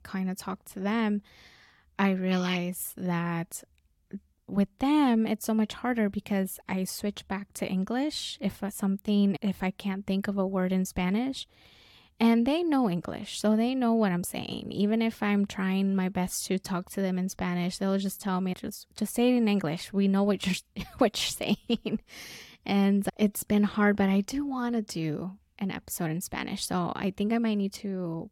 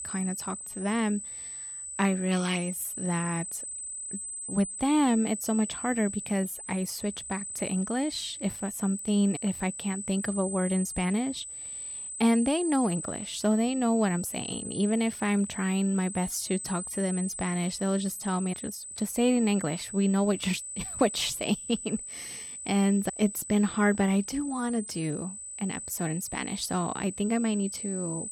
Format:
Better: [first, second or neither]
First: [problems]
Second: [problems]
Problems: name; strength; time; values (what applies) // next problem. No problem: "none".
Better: first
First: none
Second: high-pitched whine; loud; throughout; 8 kHz, 7 dB below the speech